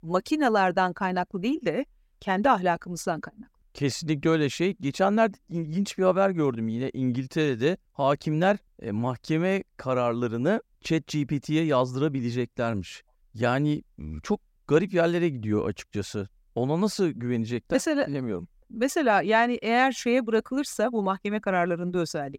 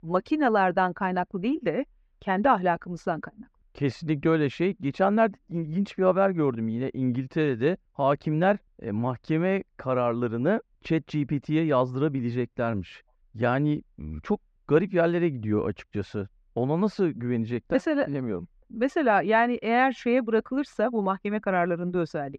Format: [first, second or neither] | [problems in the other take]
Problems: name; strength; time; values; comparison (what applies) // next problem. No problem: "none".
first | muffled; slightly; fading above 2.5 kHz